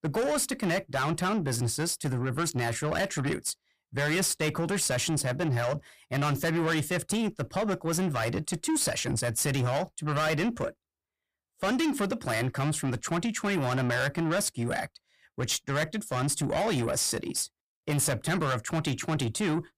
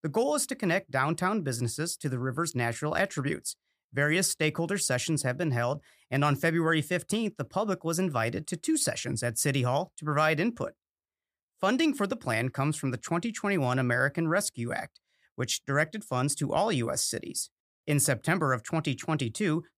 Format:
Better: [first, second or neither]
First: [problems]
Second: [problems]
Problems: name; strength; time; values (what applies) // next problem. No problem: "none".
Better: second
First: distortion; heavy; 7 dB below the speech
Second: none